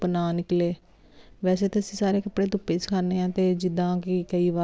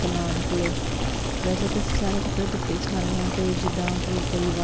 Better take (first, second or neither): first